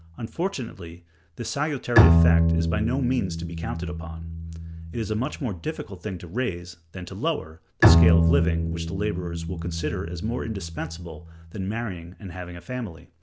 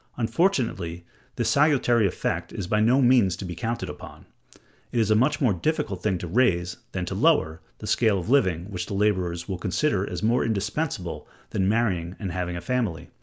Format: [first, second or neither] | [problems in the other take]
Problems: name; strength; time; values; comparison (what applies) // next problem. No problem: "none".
second | background sound (Bowed string instrument); 4 dB above the speech